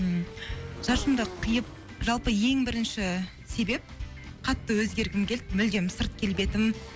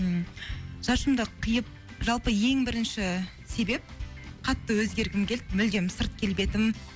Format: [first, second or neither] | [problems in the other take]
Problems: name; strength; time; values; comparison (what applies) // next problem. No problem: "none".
second | background sound (Motorcycle / Engine); 18 dB below the speech